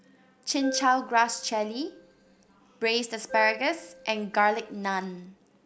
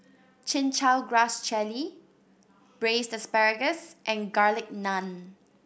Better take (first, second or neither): second